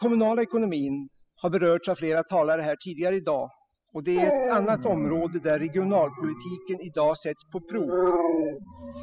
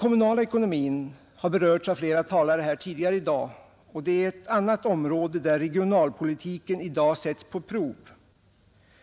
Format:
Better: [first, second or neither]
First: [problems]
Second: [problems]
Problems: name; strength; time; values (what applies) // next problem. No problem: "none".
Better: second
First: noise reduction (classical method spectral subtraction)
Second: none